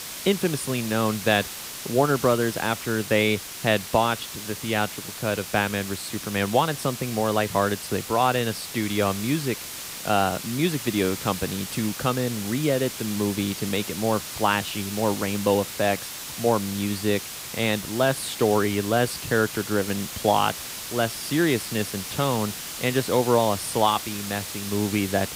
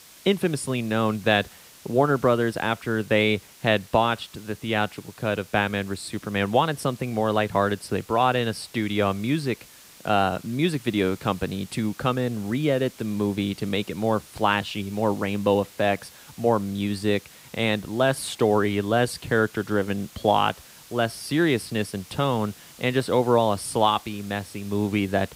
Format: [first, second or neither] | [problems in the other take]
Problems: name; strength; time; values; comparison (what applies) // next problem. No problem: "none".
second | hiss; loud; throughout; 8 dB below the speech; faint in the second